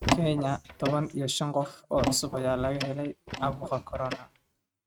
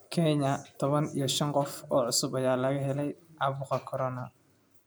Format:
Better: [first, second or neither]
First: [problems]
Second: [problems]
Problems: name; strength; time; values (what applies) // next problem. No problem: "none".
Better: second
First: noise reduction (neural mask model RNNoise)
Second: none